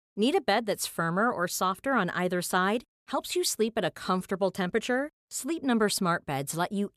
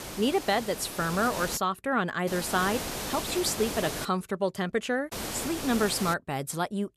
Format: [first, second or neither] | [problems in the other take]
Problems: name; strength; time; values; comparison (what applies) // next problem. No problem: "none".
first | hiss; loud; until 1.5 s, from 2.5 to 4 s and from 5 to 6 s; 6 dB below the speech